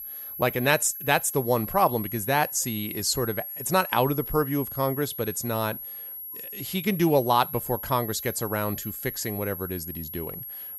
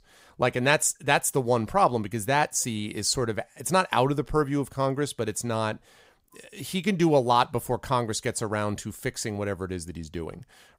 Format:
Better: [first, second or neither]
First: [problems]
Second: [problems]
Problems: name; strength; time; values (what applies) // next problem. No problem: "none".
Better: second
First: high-pitched whine; loud; throughout; 11.5 kHz, 8 dB below the speech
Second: none